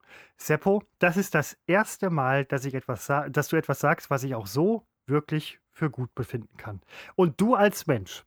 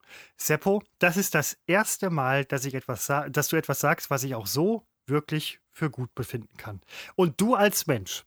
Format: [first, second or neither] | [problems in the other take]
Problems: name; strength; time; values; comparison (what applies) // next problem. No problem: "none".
second | muffled; slightly; fading above 2.5 kHz